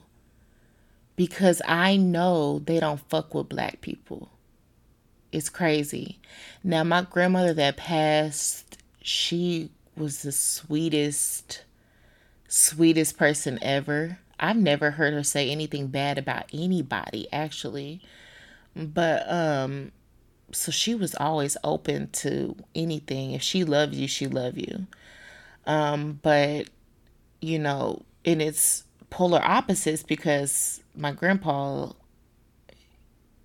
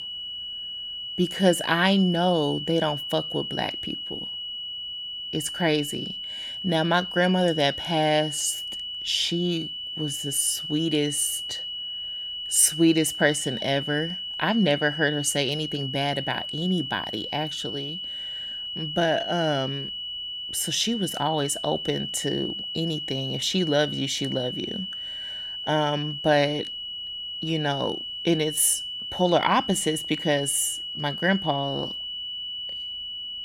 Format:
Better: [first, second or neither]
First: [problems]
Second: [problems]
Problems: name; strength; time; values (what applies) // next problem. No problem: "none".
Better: first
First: none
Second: high-pitched whine; loud; throughout; 3 kHz, 6 dB below the speech